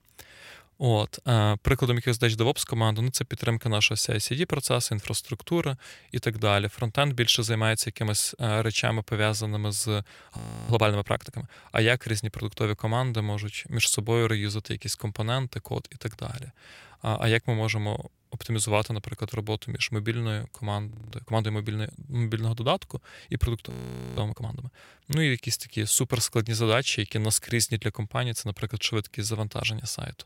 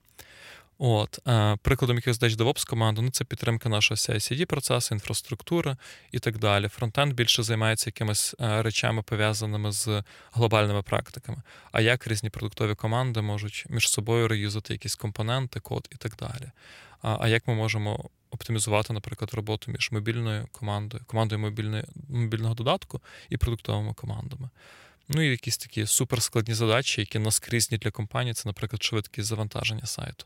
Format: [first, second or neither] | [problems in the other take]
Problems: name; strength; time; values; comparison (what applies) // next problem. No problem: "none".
second | audio freezing; at 10 s, at 21 s and at 24 s